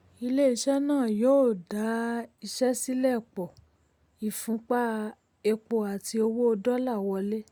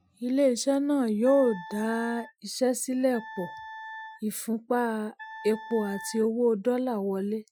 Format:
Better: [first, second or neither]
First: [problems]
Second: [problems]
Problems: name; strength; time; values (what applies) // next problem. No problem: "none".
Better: first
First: none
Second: noise reduction (classical method Wiener filter)